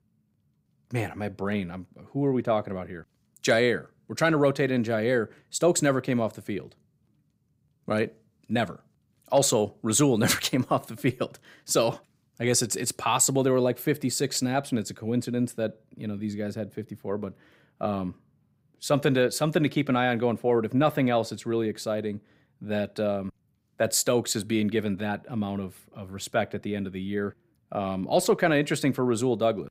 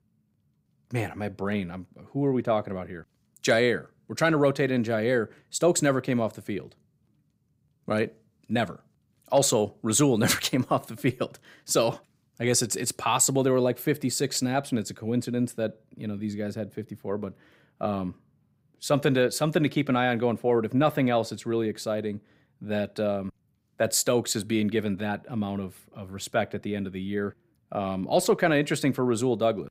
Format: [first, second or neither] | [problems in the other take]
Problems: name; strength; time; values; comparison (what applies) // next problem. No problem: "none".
neither | none